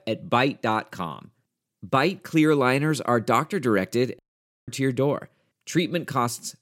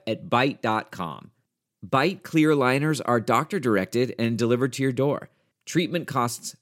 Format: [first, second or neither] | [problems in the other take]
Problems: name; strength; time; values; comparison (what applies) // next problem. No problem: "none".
second | audio cutting out; at 4 s